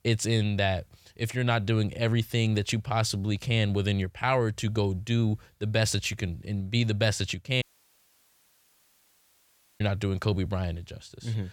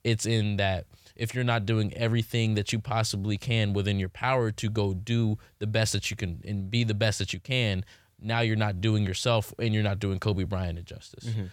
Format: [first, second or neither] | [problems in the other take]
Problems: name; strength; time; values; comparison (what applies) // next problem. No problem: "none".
second | audio cutting out; at 7.5 s for 2 s